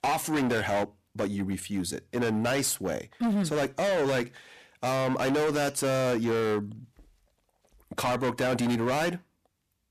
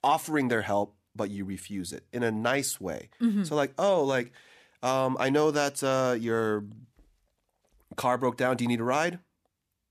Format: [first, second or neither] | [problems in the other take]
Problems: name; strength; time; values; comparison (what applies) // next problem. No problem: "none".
second | distortion; heavy; 20% of the sound clipped